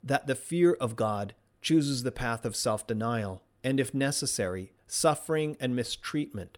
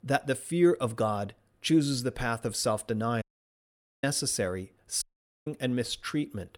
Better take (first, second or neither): first